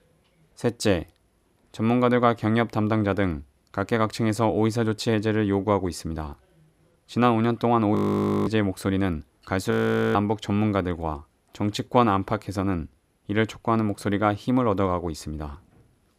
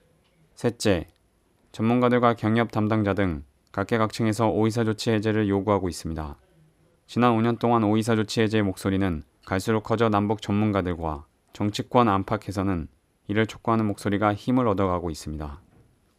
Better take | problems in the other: second | audio freezing; at 8 s for 0.5 s and at 9.5 s

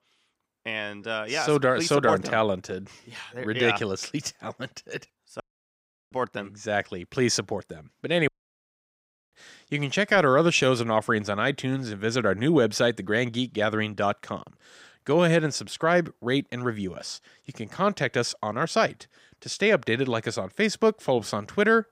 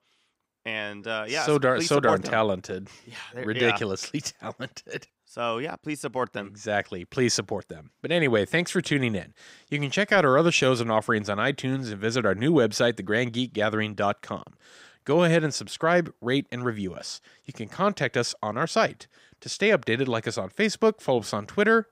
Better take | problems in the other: second | audio cutting out; at 5.5 s for 0.5 s and at 8.5 s for 1 s

